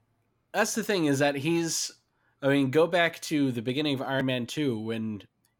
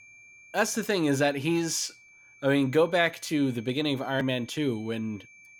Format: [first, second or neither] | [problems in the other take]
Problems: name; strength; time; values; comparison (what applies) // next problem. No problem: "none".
first | high-pitched whine; faint; throughout; 2.5 kHz, 25 dB below the speech